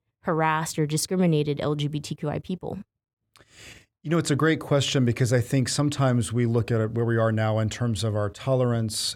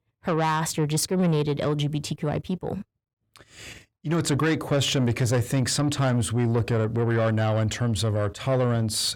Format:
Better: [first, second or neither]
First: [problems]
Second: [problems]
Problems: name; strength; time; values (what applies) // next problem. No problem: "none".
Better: first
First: none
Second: distortion; slight; 10 dB below the speech